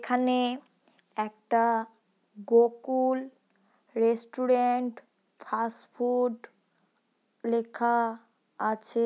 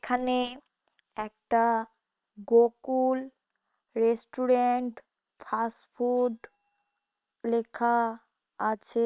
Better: first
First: none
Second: noise reduction (neural separator model SepFormer WHAM!)

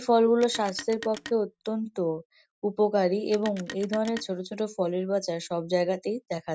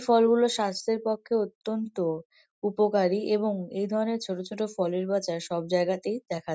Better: second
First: background sound (Telephone); 17 dB below the speech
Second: none

